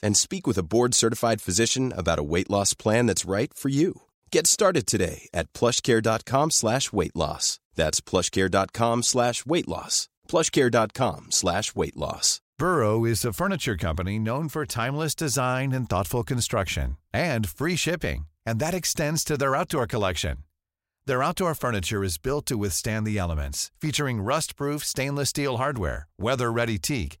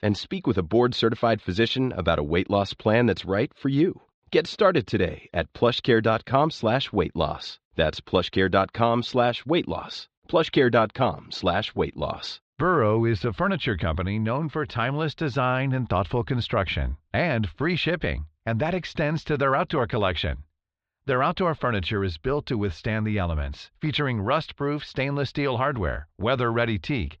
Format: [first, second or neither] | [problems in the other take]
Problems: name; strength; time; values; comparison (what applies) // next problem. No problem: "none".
first | muffled; very; fading above 4 kHz